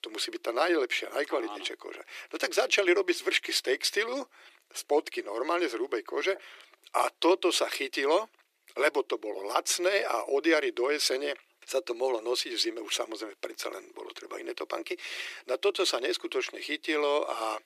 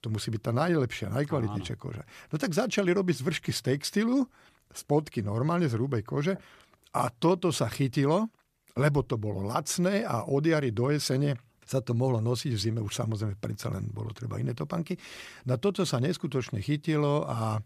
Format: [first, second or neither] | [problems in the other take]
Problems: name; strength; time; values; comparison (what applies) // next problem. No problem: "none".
second | thin; very; fading below 350 Hz